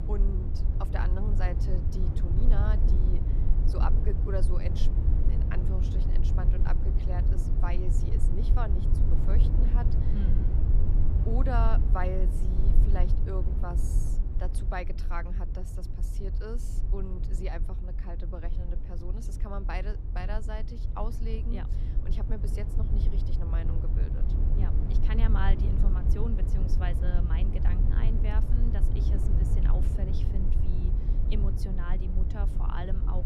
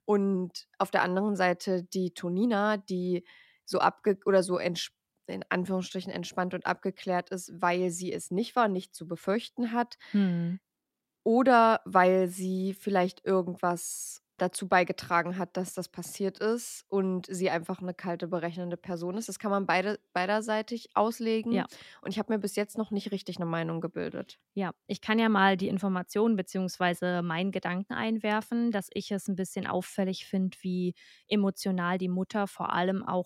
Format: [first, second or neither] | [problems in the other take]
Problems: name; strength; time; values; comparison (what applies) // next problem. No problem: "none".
second | low rumble; loud; throughout; 4 dB below the speech